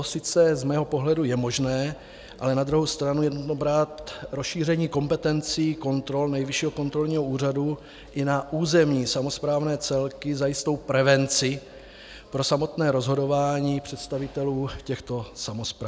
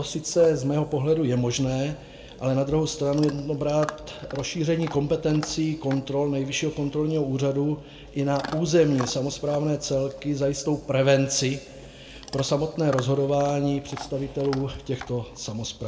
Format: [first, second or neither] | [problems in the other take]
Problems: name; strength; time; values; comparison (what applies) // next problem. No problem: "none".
first | background sound (Chewing, mastication / Dog); 19 dB below the speech // room echo; dies away in 1 s